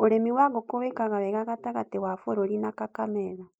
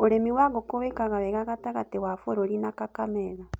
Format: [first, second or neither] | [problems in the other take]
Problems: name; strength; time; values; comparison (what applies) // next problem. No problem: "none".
second | noise reduction (neural mask model Resemble Enhance denoiser)